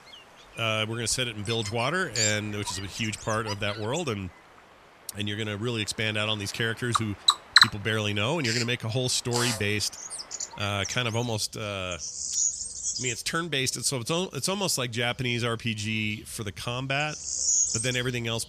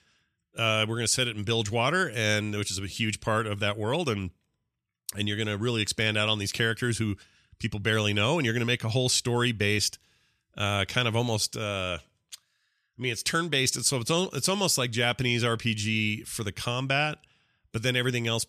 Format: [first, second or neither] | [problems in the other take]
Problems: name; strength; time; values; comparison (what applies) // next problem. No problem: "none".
second | animal sounds; very loud; throughout; 1 dB above the speech